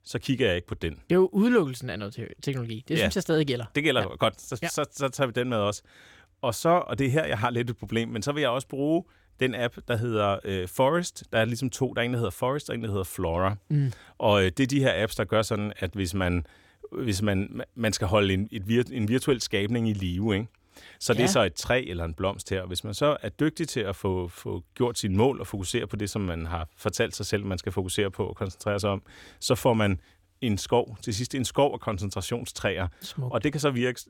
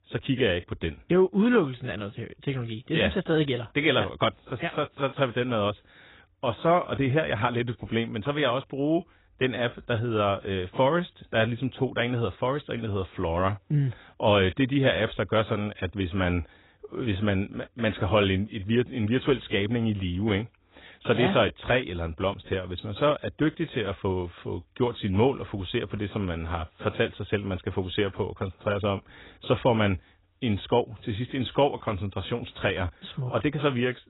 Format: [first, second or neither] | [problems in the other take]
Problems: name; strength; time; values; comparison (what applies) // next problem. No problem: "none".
first | garbled, watery; badly; nothing above 4 kHz